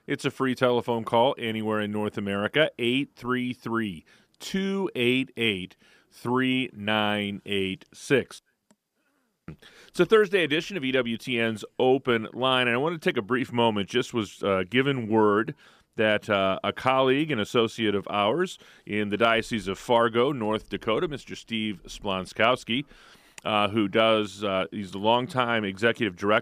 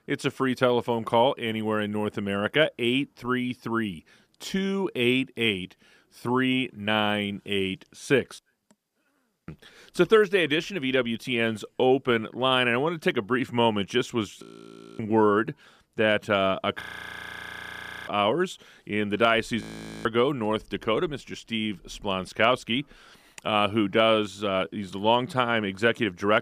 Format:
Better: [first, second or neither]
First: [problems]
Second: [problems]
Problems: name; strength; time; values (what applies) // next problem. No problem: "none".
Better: first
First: none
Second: audio freezing; at 14 s for 0.5 s, at 17 s for 1.5 s and at 20 s